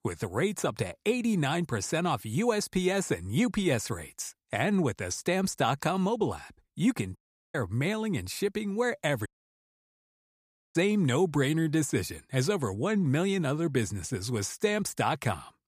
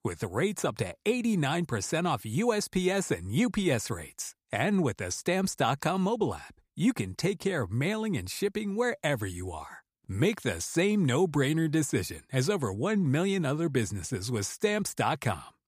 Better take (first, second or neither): second